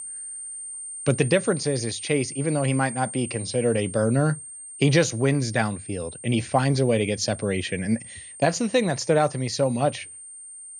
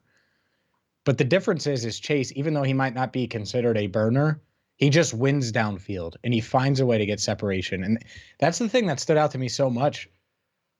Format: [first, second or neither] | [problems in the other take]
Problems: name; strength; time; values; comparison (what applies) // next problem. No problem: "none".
second | high-pitched whine; noticeable; throughout; 8.5 kHz, 10 dB below the speech